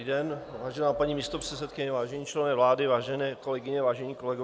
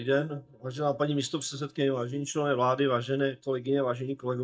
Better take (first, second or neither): first